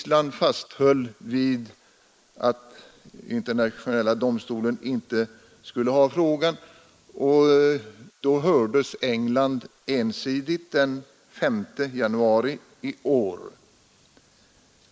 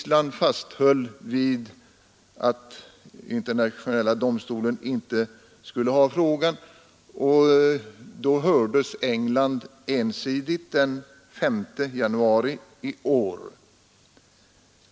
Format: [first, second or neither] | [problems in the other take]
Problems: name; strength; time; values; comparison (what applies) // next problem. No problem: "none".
second | noise reduction (neural mask model Resemble Enhance denoiser)